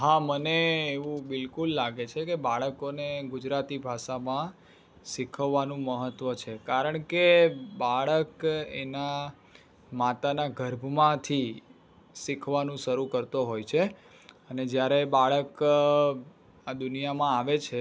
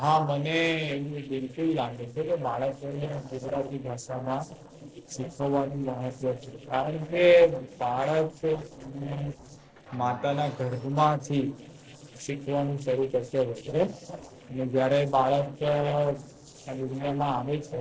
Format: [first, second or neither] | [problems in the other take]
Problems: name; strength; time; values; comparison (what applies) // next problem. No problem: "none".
first | noise reduction (neural separator model SepFormer DNS4)